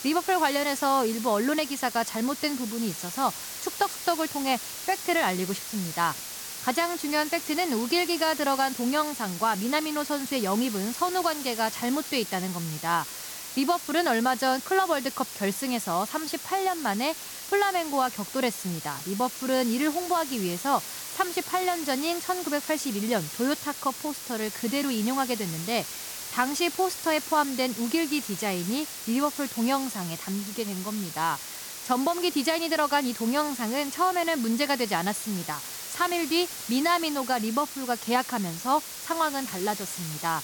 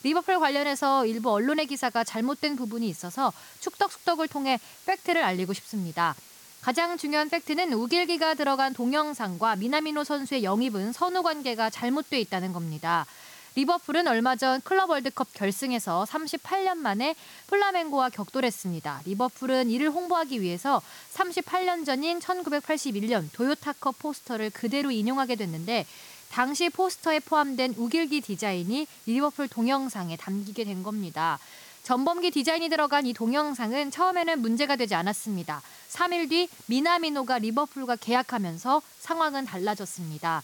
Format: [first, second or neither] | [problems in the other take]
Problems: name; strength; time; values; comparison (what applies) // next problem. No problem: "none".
second | hiss; loud; throughout; 8 dB below the speech; faint in the second